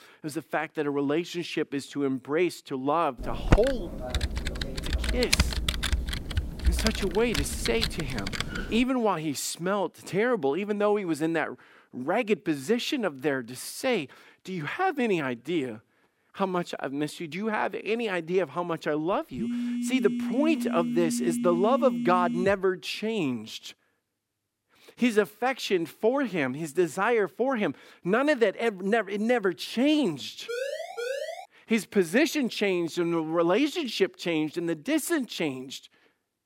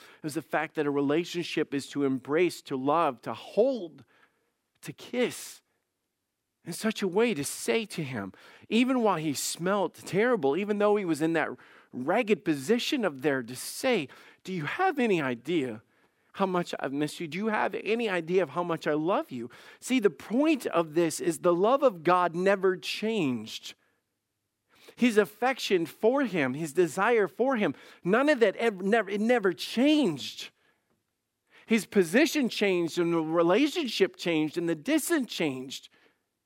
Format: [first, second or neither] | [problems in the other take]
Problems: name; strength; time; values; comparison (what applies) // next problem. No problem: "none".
second | keyboard typing; loud; from 3.5 to 8.5 s; peak 3 dB above the speech // phone ringing; noticeable; from 19 to 23 s; peak 2 dB below the speech // siren; noticeable; at 30 s; peak 5 dB below the speech